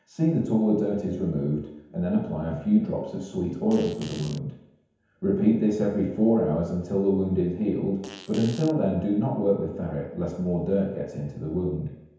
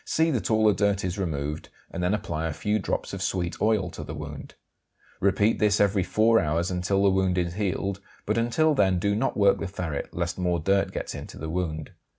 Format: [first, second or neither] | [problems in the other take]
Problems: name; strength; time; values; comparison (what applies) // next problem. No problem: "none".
second | background sound (Fart); 18 dB below the speech // room echo; dies away in 1 s